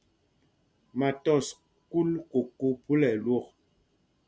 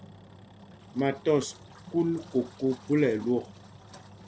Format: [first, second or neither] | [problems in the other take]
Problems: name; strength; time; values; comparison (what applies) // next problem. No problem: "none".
first | background sound (Engine); 19 dB below the speech